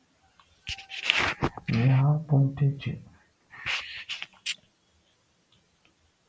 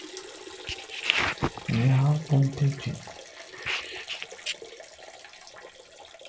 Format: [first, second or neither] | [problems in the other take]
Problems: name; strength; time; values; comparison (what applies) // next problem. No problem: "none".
first | background sound (Liquid); 15 dB below the speech